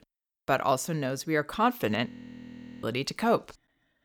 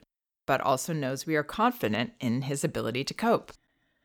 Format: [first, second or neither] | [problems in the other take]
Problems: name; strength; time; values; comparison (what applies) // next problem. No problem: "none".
second | audio freezing; at 2 s for 0.5 s